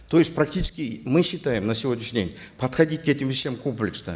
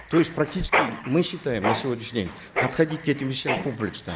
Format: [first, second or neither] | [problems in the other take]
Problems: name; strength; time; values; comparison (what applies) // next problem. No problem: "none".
first | background sound (Mechanisms); 4 dB below the speech